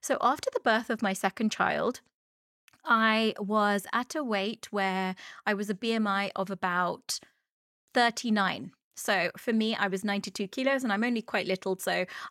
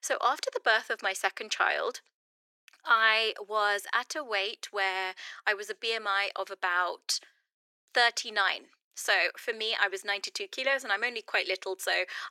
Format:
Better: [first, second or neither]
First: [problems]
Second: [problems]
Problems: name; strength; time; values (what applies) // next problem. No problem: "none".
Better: first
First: none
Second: thin; very; fading below 350 Hz